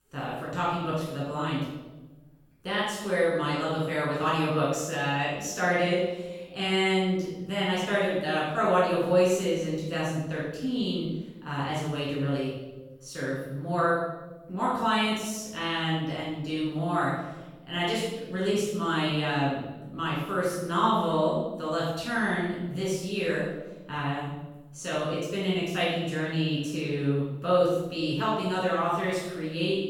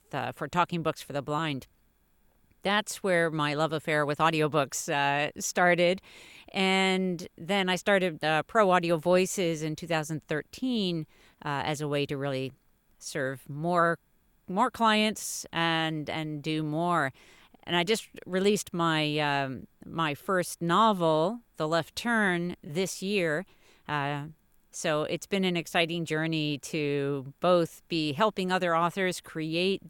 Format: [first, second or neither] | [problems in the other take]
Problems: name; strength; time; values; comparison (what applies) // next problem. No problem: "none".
second | off-mic speech; far // room echo; strong; dies away in 0.9 s